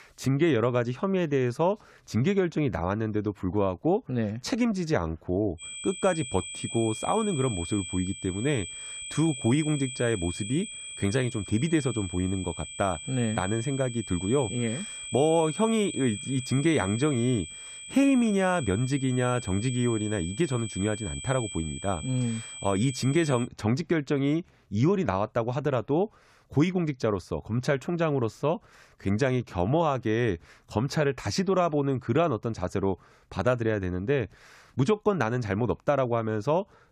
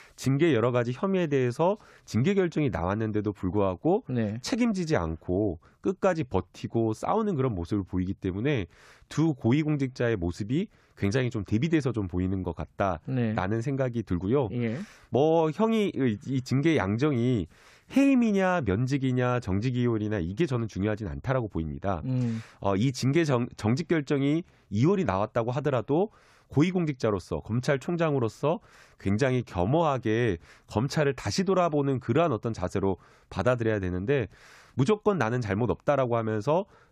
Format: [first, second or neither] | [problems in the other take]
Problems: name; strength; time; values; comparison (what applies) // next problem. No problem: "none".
second | high-pitched whine; loud; from 5.5 to 23 s; 8 kHz, 9 dB below the speech